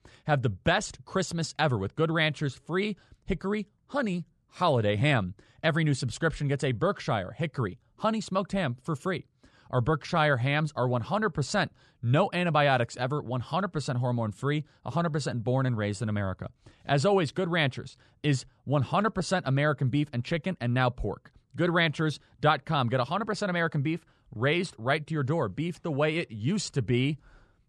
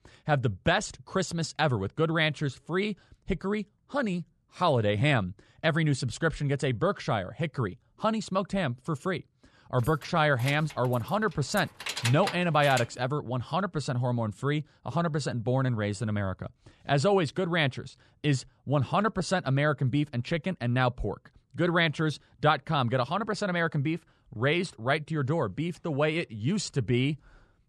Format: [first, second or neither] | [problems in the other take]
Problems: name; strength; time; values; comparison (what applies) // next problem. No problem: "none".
first | jangling keys; noticeable; from 10 to 13 s; peak 3 dB below the speech